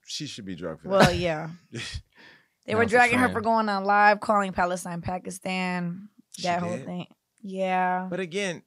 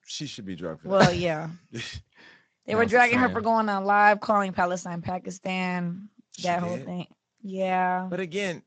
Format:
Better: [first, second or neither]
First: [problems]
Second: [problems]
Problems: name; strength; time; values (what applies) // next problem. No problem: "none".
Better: first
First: none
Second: garbled, watery; slightly; nothing above 7.5 kHz